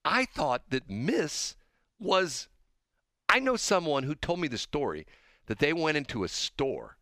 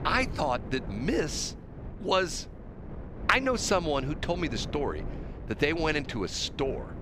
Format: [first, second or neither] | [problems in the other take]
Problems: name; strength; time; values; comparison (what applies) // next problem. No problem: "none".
first | wind noise on the microphone; occasional gusts; 15 dB below the speech